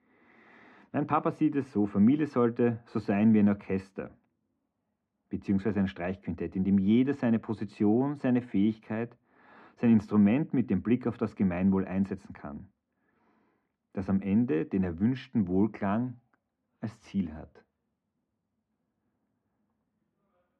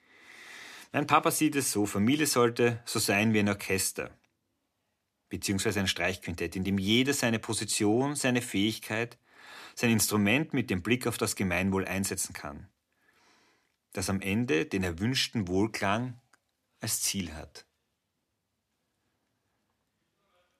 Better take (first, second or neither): second